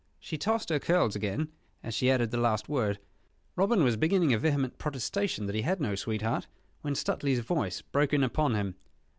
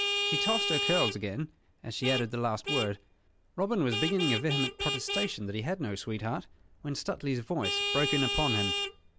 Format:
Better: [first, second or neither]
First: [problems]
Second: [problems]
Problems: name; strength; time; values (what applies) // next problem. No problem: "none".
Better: first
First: none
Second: background sound (Vehicle horn, car horn, honking); 2 dB below the speech